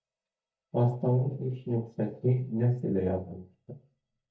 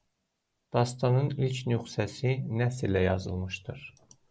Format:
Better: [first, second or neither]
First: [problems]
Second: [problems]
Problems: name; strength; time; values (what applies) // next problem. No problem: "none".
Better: second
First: noise reduction (neural mask model DeepFilterNet 3)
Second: none